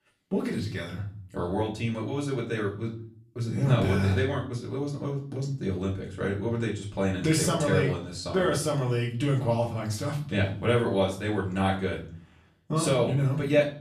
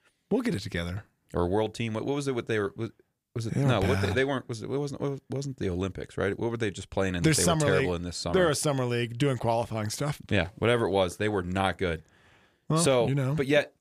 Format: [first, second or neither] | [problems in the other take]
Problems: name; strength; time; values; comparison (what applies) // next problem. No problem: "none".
second | off-mic speech; far // room echo; slight; dies away in 0.5 s